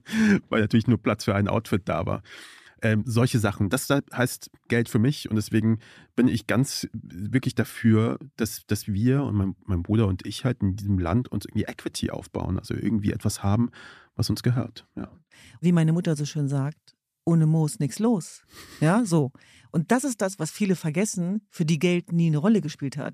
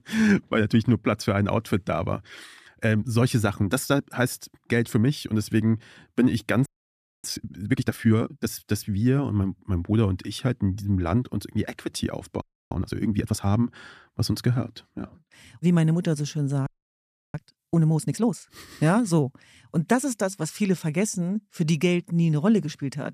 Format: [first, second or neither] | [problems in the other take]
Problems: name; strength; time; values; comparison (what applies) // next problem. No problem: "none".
first | audio freezing; at 6.5 s for 0.5 s, at 12 s and at 17 s for 0.5 s